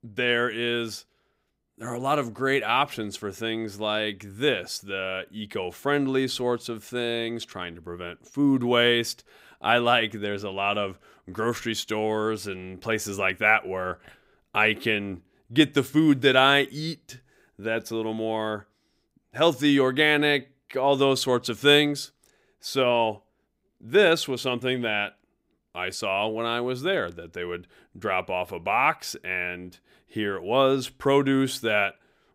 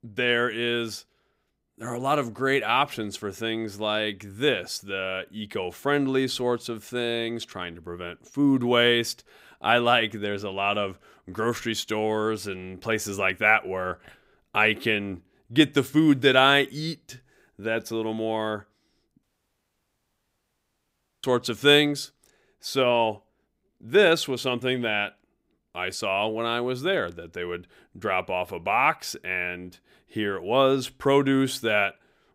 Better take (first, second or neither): first